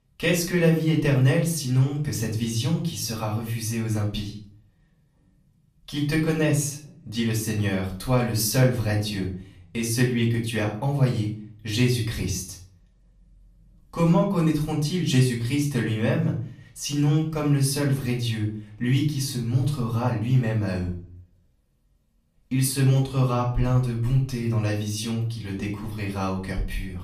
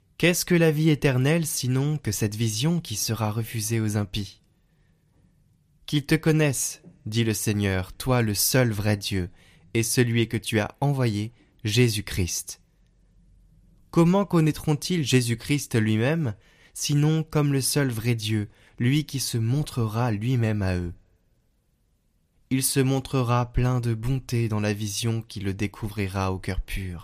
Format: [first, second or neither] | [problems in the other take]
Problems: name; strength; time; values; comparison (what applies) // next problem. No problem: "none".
second | off-mic speech; far // room echo; slight; dies away in 0.4 s